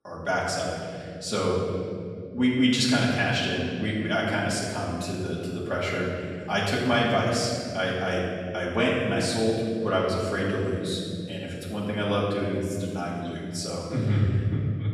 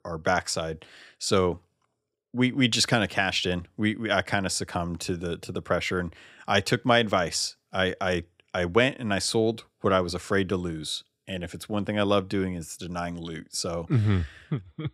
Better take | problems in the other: second | off-mic speech; far // room echo; noticeable; dies away in 2.5 s

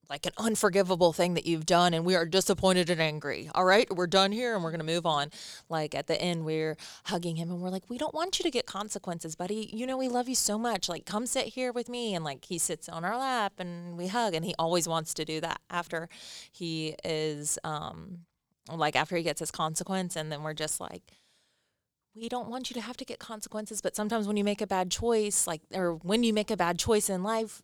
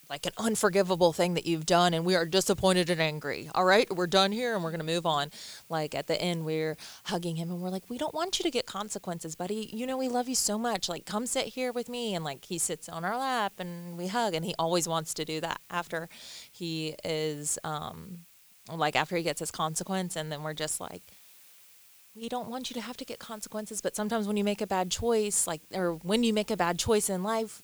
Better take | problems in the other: first | hiss; faint; throughout; 25 dB below the speech

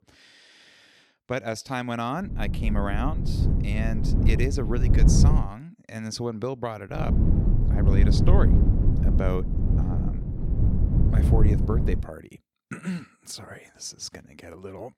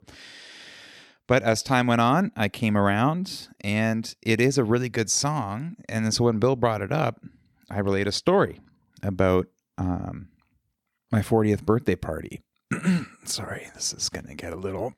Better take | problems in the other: second | low rumble; loud; from 2.5 to 5.5 s and from 7 to 12 s; 2 dB below the speech

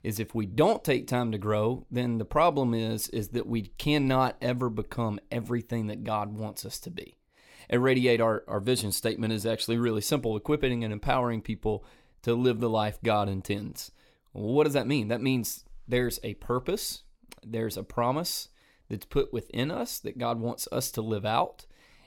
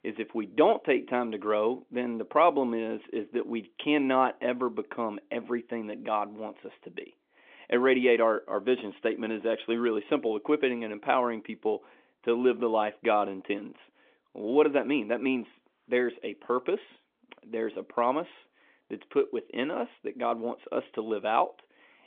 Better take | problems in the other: first | phone-call audio; nothing above 3.5 kHz

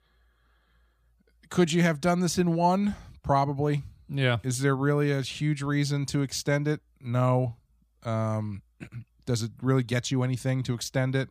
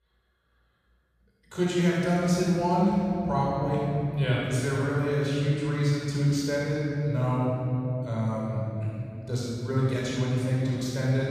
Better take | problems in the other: first | room echo; strong; dies away in 3 s // off-mic speech; far

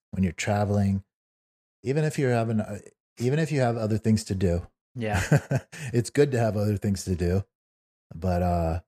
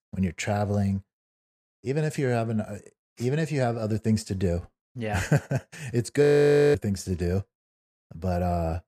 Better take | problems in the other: first | audio freezing; at 6 s for 0.5 s

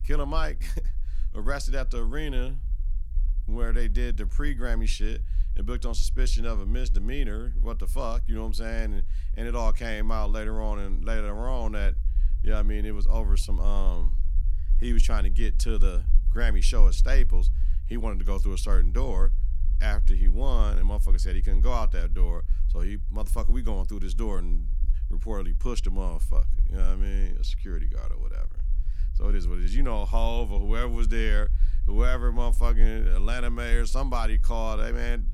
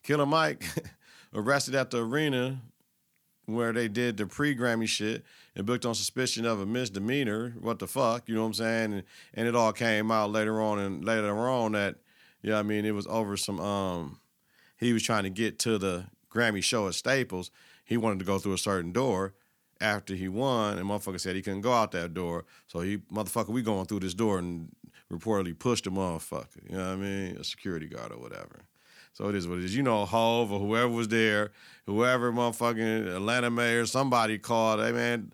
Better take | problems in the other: second | low rumble; noticeable; throughout; 20 dB below the speech

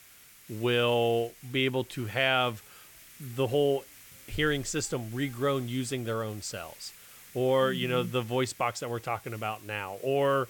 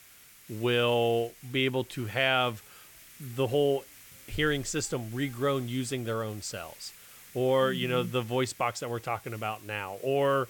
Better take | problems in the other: neither | hiss; noticeable; throughout; 20 dB below the speech; the same in both

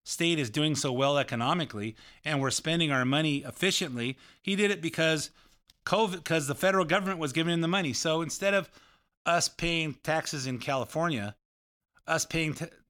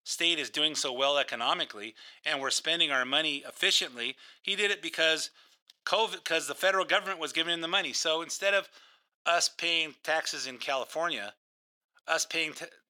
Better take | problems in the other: first | thin; very; fading below 500 Hz

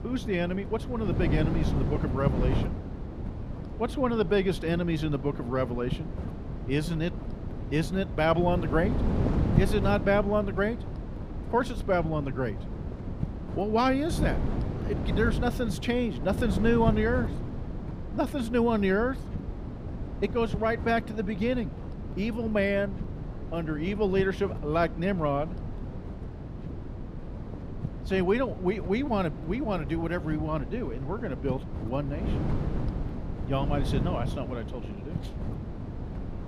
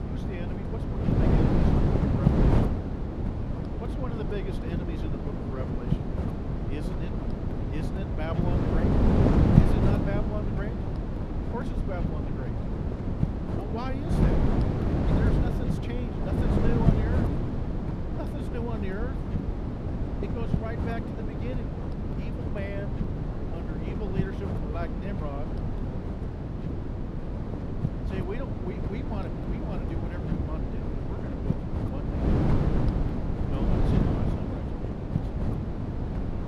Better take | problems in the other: first | wind noise on the microphone; heavy; 5 dB above the speech; occasional gusts in the first

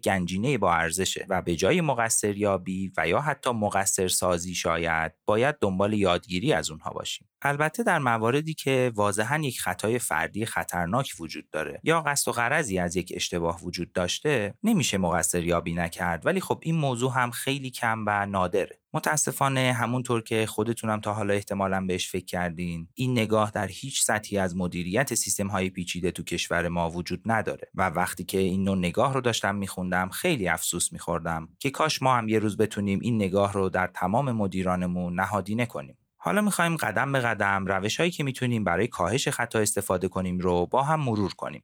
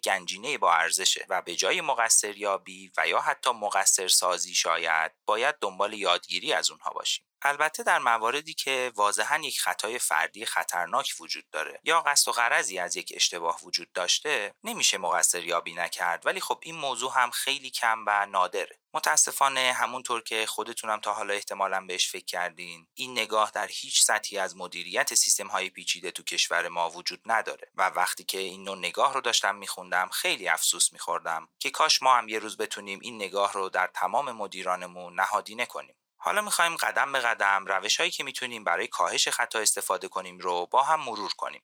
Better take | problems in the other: first | thin; very; fading below 650 Hz

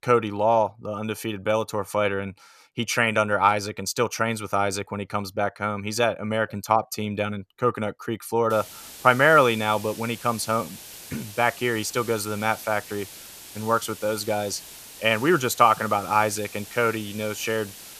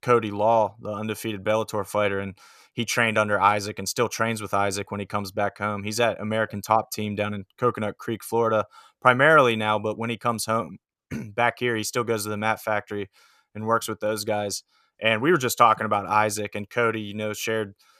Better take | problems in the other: second | hiss; noticeable; from 8.5 s on; 15 dB below the speech

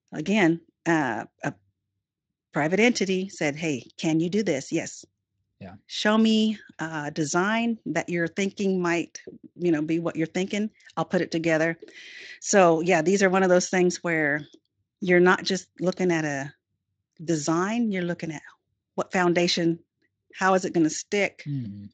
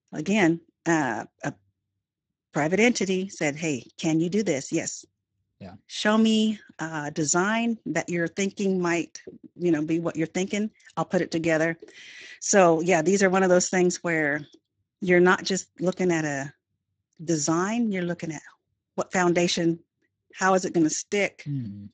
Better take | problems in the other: first | garbled, watery; badly; nothing above 7.5 kHz; slightly in the first

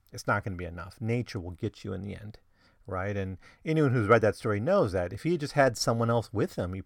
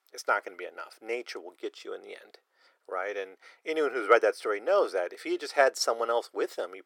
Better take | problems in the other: first | thin; very; fading below 350 Hz

